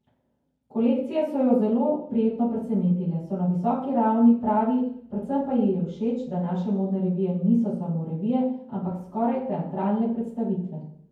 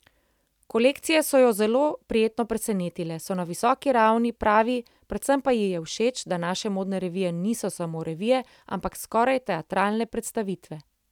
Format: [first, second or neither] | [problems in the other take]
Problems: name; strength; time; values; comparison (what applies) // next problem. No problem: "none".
second | room echo; dies away in 0.9 s